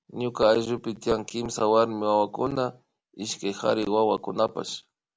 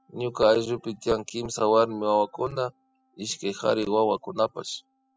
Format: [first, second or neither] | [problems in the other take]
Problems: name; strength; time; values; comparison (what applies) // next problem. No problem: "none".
first | noise reduction (classical method spectral subtraction)